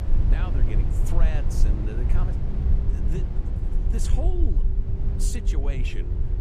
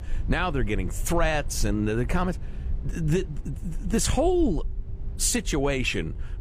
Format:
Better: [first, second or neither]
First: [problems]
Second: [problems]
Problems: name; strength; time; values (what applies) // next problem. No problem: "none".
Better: second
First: low rumble; loud; throughout; 2 dB below the speech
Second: low rumble; faint; throughout; 25 dB below the speech